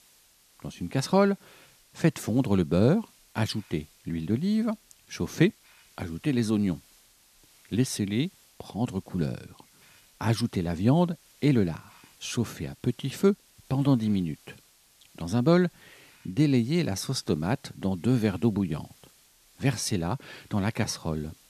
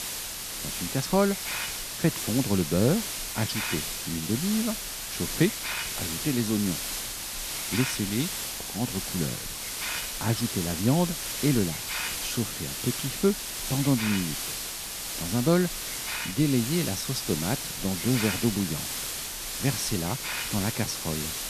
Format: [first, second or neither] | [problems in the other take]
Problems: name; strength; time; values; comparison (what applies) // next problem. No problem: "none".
first | hiss; loud; throughout; 2 dB below the speech; faint in the first